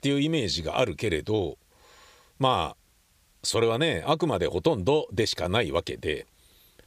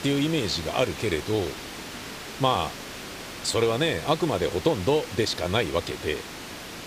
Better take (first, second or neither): first